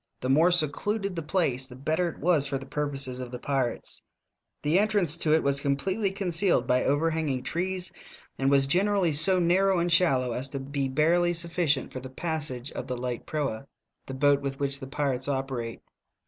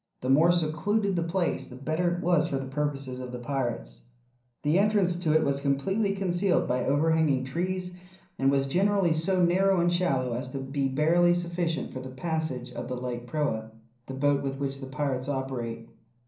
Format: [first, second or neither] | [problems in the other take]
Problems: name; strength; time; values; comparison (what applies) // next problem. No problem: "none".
first | room echo; dies away in 0.6 s